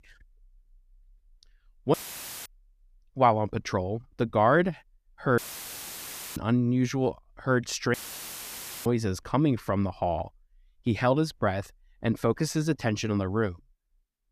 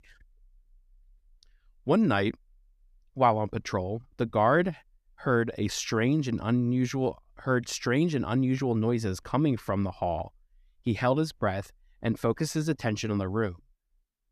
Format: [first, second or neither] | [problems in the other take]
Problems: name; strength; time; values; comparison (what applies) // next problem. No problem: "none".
second | audio cutting out; filled with static; at 2 s for 0.5 s, at 5.5 s for 1 s and at 8 s for 1 s